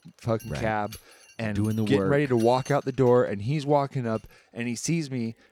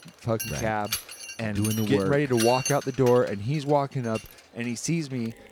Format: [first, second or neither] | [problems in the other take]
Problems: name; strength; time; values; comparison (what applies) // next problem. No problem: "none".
first | machinery noise; loud; throughout; 8 dB below the speech; faint in the first